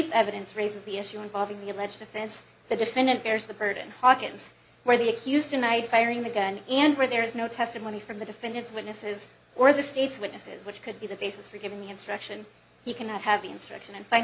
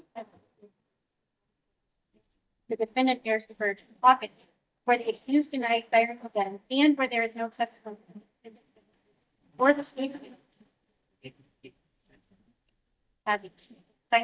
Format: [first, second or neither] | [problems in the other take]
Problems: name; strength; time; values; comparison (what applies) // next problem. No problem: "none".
first | noise reduction (neural mask model DeepFilterNet 3)